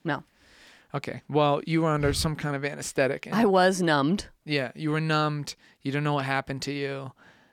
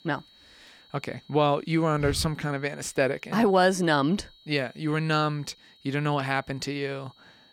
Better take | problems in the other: first | high-pitched whine; faint; throughout; 4 kHz, 30 dB below the speech

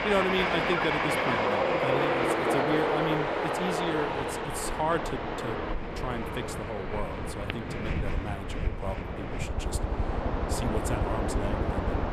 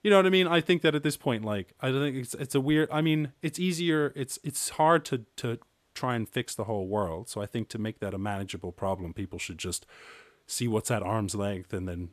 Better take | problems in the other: second | train or aircraft noise; very loud; throughout; 4 dB above the speech

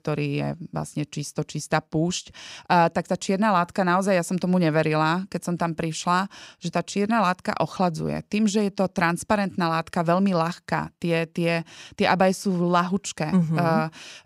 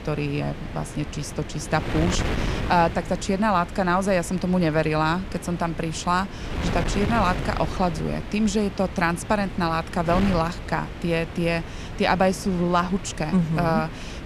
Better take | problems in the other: first | wind noise on the microphone; occasional gusts; 10 dB below the speech

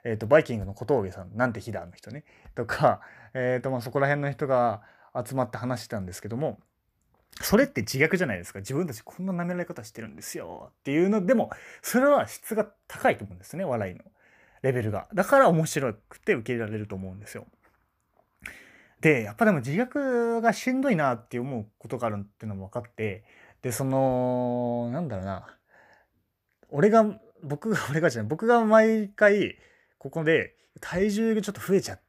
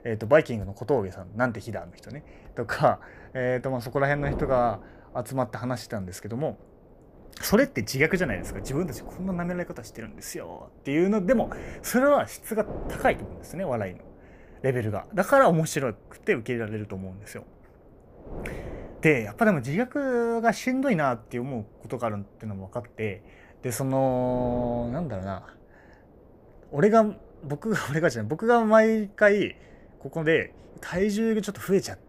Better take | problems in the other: first | wind noise on the microphone; occasional gusts; 20 dB below the speech

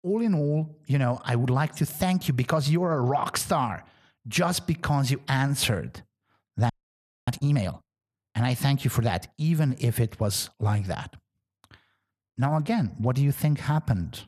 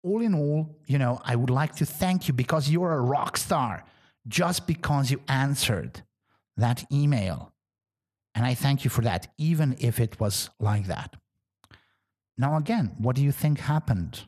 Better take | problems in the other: second | audio freezing; at 6.5 s for 0.5 s

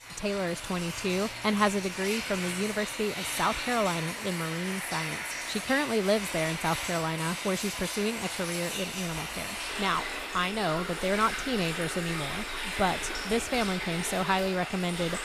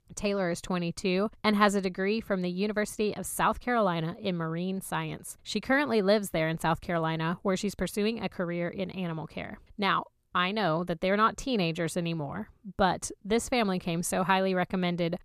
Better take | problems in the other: second | rain or running water; loud; throughout; 3 dB below the speech

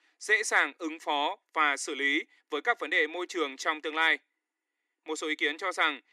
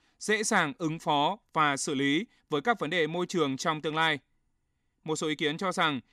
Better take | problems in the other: second | thin; somewhat; fading below 300 Hz

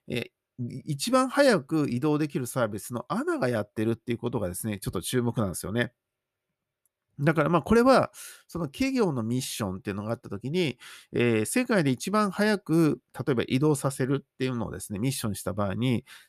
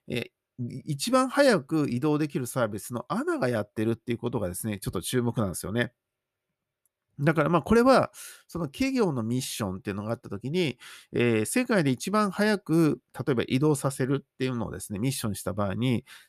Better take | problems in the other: neither | none

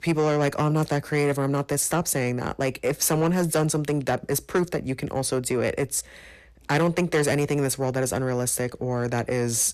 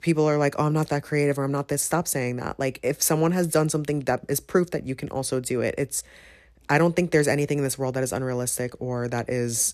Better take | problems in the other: second | distortion; slight; 10 dB below the speech

